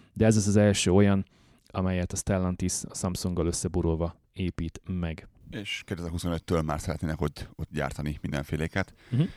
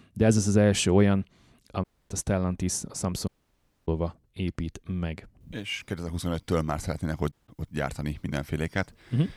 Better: first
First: none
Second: audio cutting out; at 2 s, at 3.5 s for 0.5 s and at 7.5 s

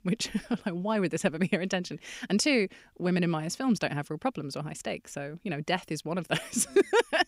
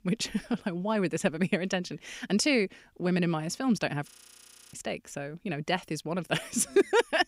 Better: first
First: none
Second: audio freezing; at 4 s for 0.5 s

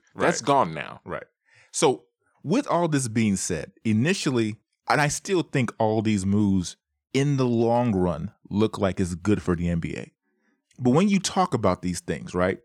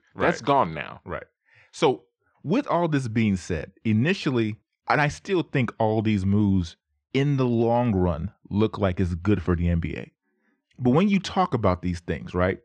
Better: first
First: none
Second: muffled; slightly; fading above 3 kHz

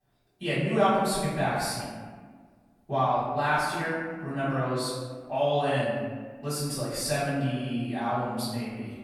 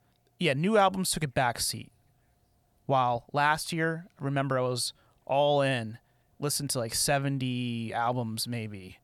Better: second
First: off-mic speech; far // room echo; strong; dies away in 1.4 s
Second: none

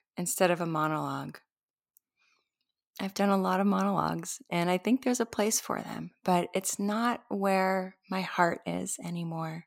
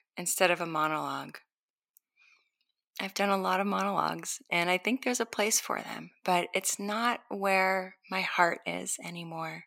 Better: first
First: none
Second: thin; very slightly; fading below 450 Hz

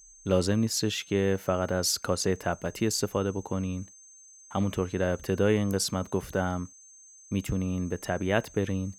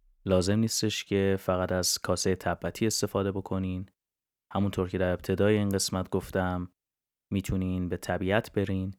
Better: second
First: high-pitched whine; faint; throughout; 6.5 kHz, 20 dB below the speech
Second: none

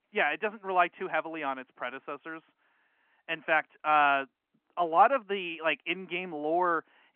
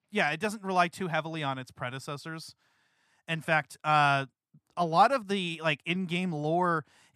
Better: second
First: phone-call audio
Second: none

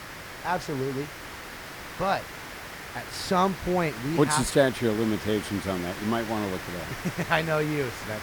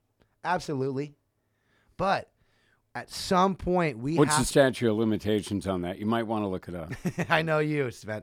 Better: second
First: hiss; loud; throughout; 10 dB below the speech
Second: none

